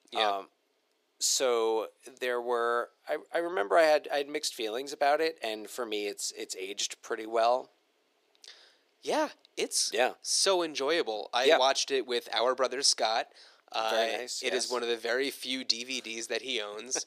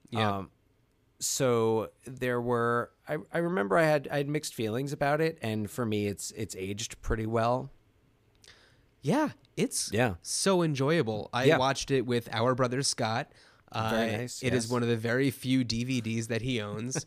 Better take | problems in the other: second | thin; very; fading below 350 Hz

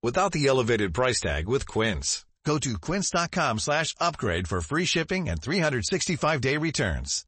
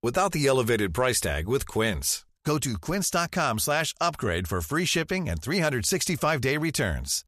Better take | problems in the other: second | garbled, watery; slightly; nothing above 8 kHz

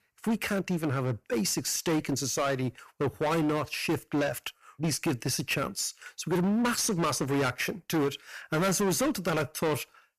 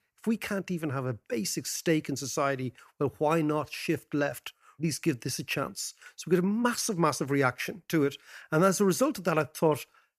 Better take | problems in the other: second | distortion; heavy; 15% of the sound clipped

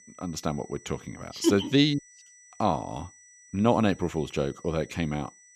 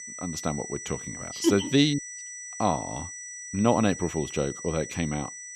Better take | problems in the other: first | high-pitched whine; loud; throughout; 6 kHz, 10 dB below the speech; faint in the first

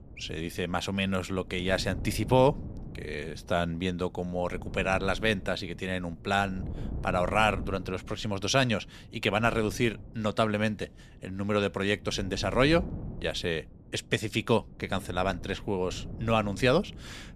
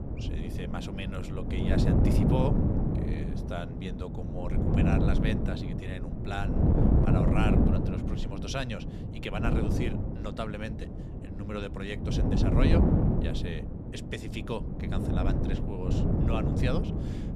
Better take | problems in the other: first | wind noise on the microphone; heavy; 2 dB above the speech; occasional gusts in the first

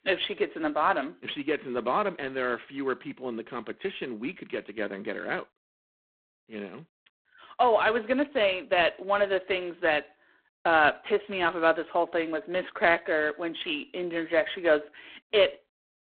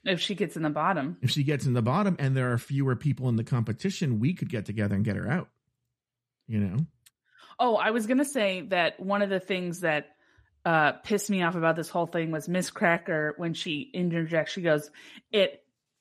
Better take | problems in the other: second | phone-call audio; poor line

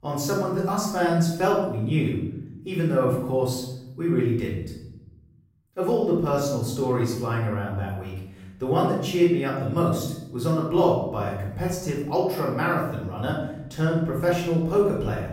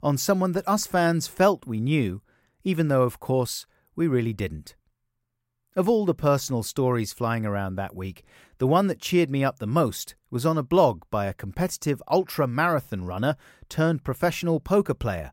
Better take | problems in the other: second | off-mic speech; far // room echo; noticeable; dies away in 0.8 s

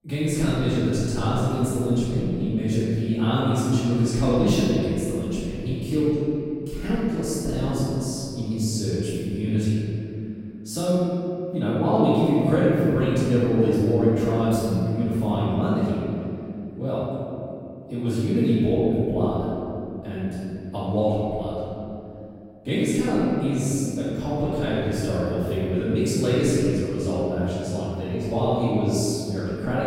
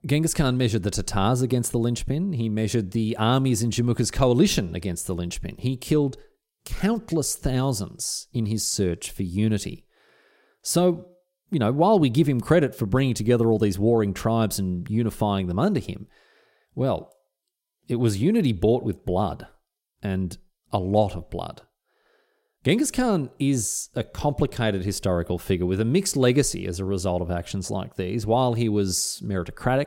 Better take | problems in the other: second | room echo; strong; dies away in 2.8 s // off-mic speech; far

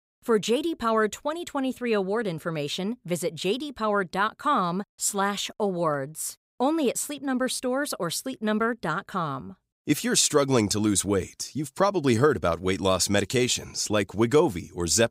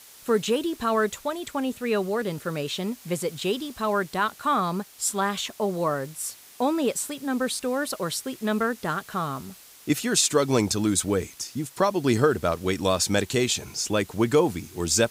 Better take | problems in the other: first | hiss; faint; throughout; 20 dB below the speech

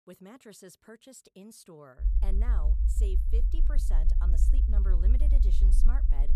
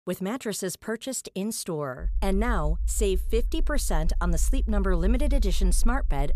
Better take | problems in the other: second | low rumble; loud; from 2 s on; 2 dB below the speech; faint in the second

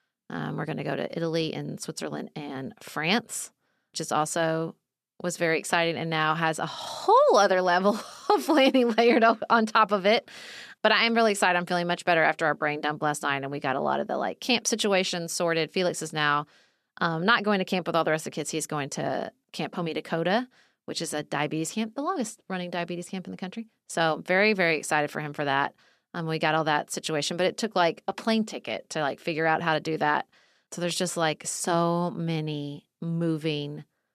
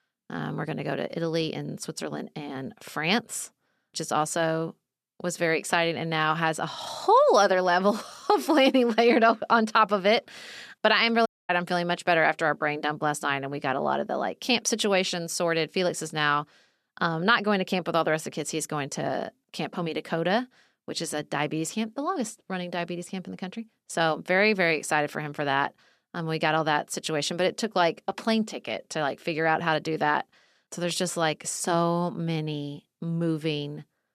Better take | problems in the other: first | audio cutting out; at 11 s

